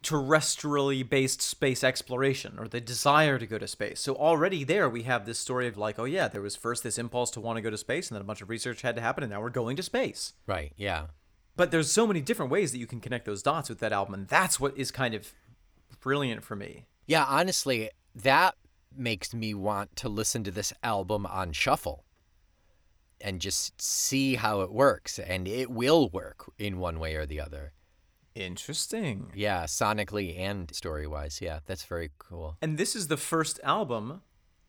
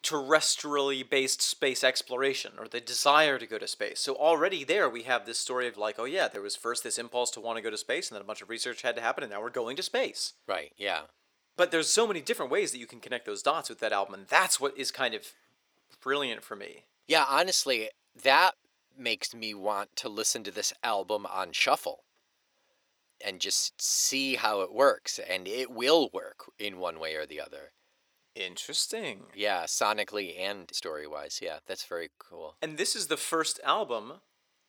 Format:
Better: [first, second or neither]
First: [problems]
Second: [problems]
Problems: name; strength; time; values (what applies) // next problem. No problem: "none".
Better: first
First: none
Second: thin; somewhat; fading below 450 Hz